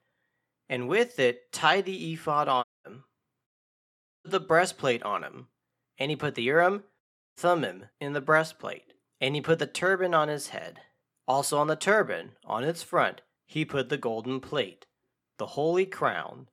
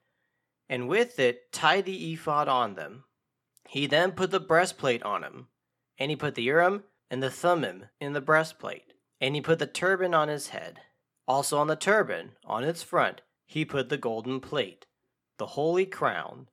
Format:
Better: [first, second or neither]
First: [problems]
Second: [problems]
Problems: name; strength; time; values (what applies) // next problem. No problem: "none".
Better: second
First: audio cutting out; at 2.5 s, at 3.5 s for 1 s and at 7 s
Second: none